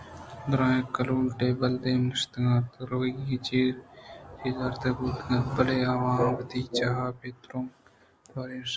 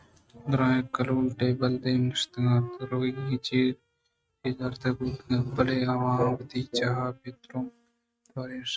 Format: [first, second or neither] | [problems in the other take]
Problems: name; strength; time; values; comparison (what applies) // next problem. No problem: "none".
first | noise reduction (neural mask model RNNoise)